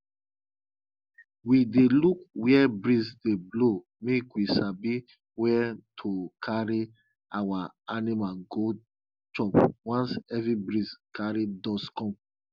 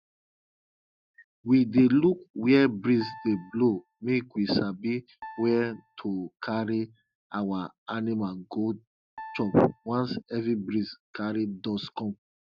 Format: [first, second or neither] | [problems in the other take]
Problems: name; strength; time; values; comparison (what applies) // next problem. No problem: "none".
first | noise reduction (neural mask model RNNoise)